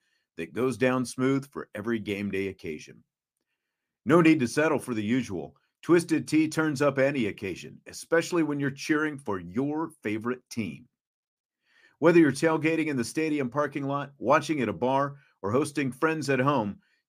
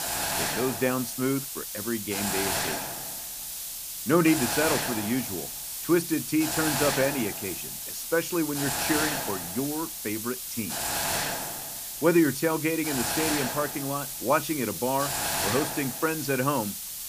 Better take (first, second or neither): first